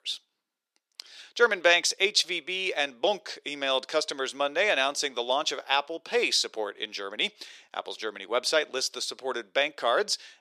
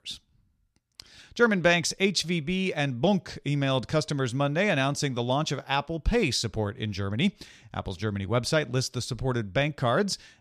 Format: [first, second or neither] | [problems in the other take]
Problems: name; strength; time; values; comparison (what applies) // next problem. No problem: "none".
second | thin; very; fading below 400 Hz